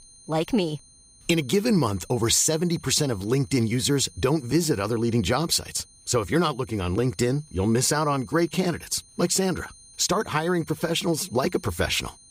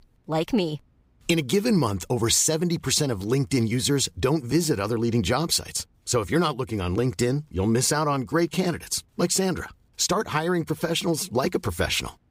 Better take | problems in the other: second | high-pitched whine; faint; throughout; 9 kHz, 25 dB below the speech

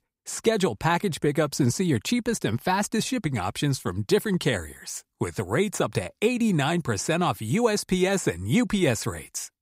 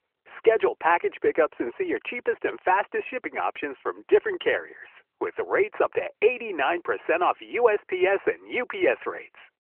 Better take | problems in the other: first | phone-call audio

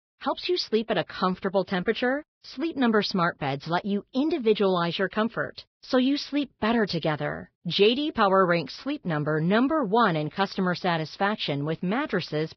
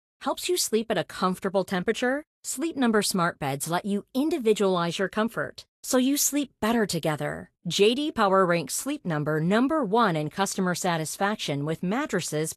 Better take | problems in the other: second | garbled, watery; badly; nothing above 5.5 kHz; slightly in the second

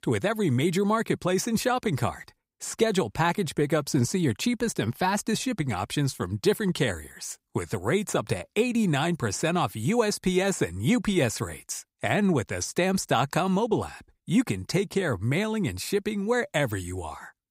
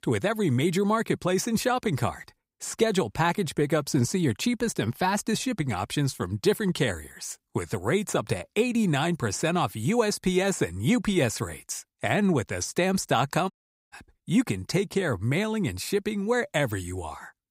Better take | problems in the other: first | audio cutting out; at 14 s

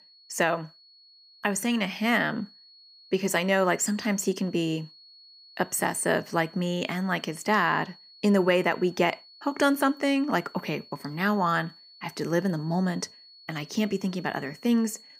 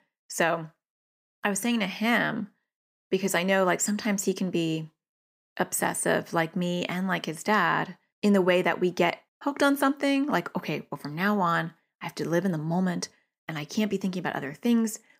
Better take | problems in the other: second | high-pitched whine; faint; throughout; 4.5 kHz, 25 dB below the speech

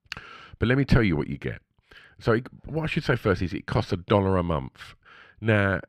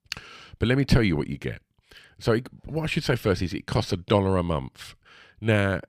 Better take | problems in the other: second | muffled; very slightly; fading above 4 kHz

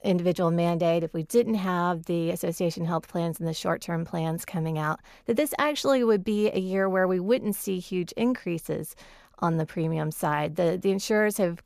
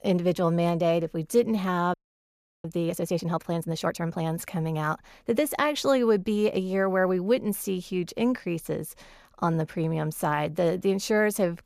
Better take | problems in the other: first | audio freezing; at 2 s for 0.5 s

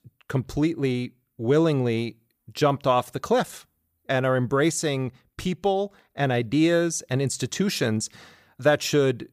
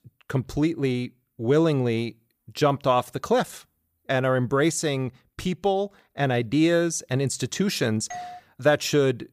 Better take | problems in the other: first | doorbell; faint; at 8 s; peak 15 dB below the speech

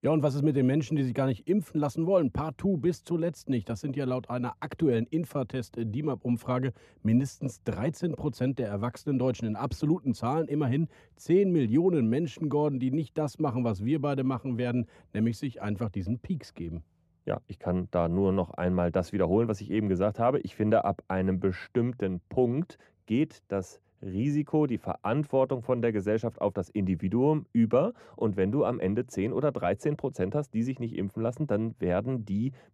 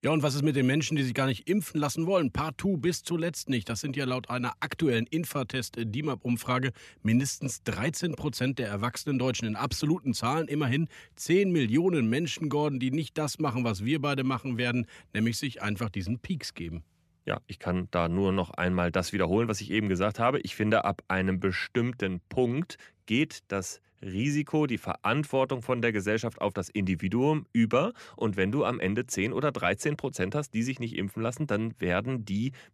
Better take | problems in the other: second | muffled; slightly; fading above 1 kHz

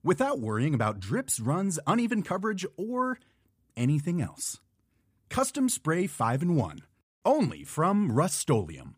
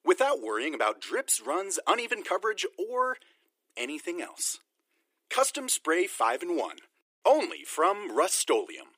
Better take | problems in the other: first | thin; very; fading below 350 Hz

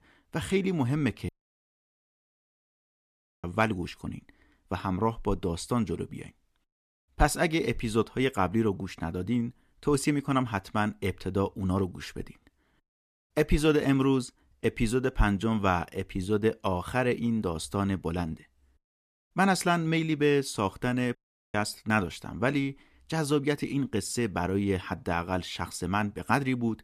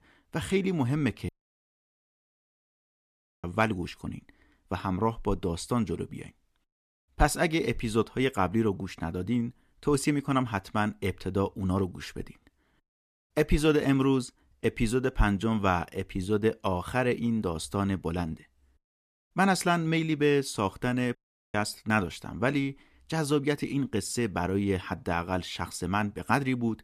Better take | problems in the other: neither | audio cutting out; at 1.5 s for 2 s and at 21 s; the same in both

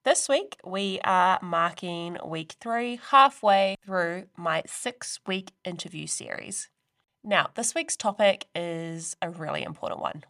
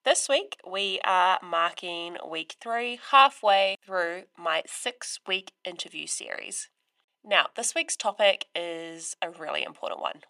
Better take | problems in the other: first | thin; somewhat; fading below 300 Hz

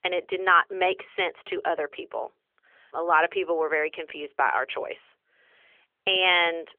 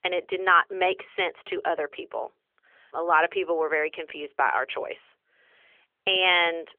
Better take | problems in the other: neither | phone-call audio; nothing above 3.5 kHz; the same in both

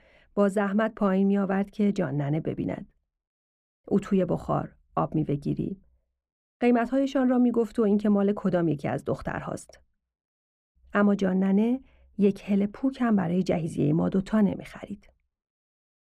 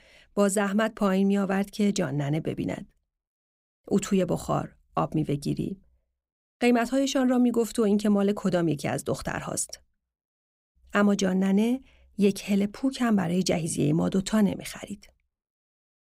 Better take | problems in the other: second | muffled; very; fading above 3 kHz

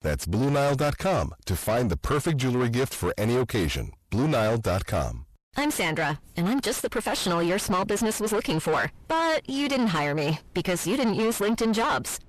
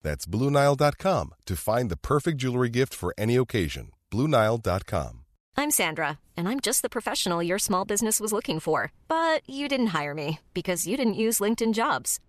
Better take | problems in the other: second | distortion; heavy; 5 dB below the speech

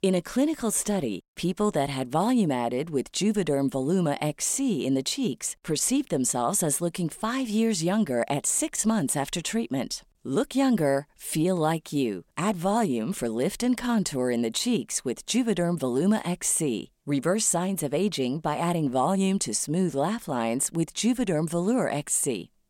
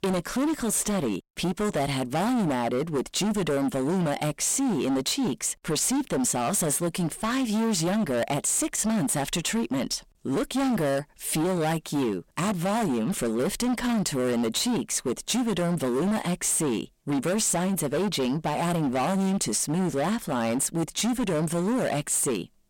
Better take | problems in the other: first | distortion; heavy; 27% of the sound clipped

